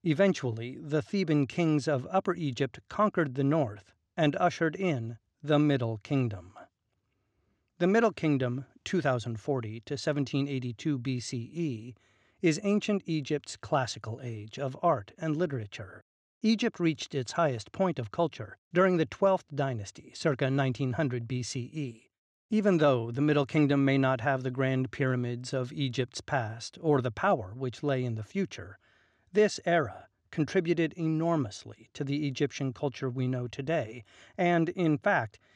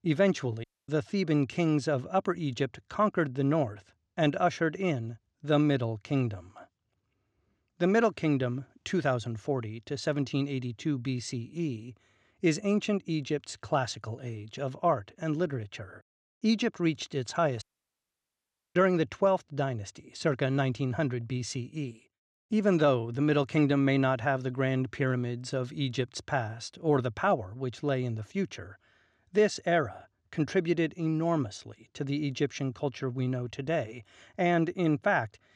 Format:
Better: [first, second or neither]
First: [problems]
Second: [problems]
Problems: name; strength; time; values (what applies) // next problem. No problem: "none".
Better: first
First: none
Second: audio cutting out; at 0.5 s and at 18 s for 1 s